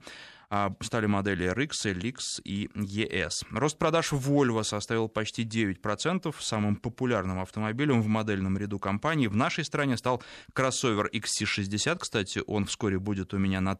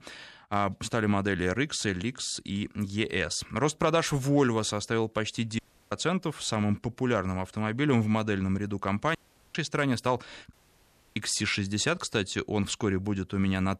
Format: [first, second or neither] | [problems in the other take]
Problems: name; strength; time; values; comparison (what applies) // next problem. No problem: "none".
first | audio cutting out; at 5.5 s, at 9 s and at 11 s for 0.5 s